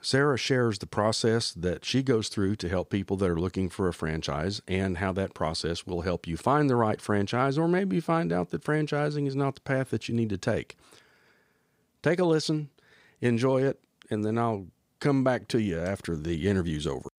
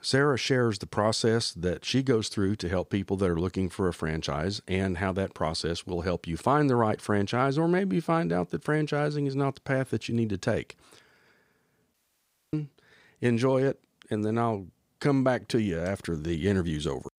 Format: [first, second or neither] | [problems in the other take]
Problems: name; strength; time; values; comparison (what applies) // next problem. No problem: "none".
first | audio cutting out; at 12 s for 0.5 s